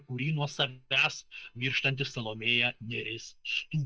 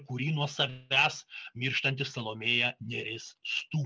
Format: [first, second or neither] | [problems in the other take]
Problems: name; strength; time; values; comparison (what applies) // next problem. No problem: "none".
second | noise reduction (neural mask model DeepFilterNet 3)